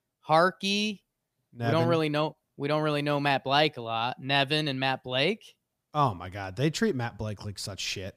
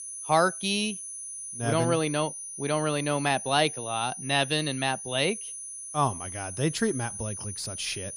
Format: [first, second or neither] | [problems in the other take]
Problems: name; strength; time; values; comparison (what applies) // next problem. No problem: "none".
first | high-pitched whine; loud; throughout; 10 kHz, 8 dB below the speech